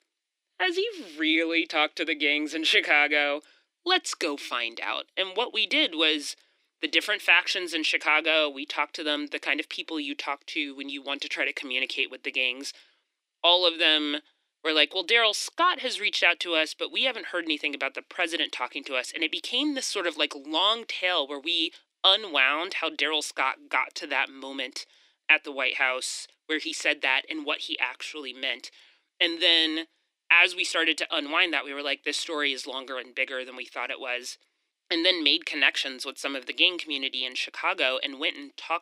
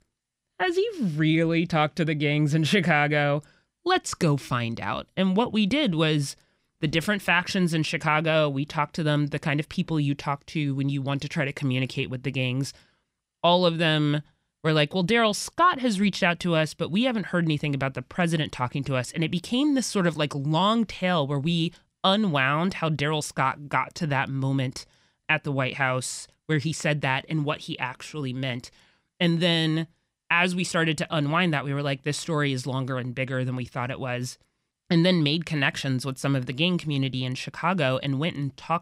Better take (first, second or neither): second